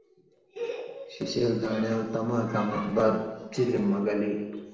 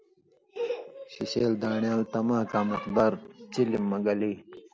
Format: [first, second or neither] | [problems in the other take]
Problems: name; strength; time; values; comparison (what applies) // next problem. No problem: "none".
second | room echo; dies away in 1 s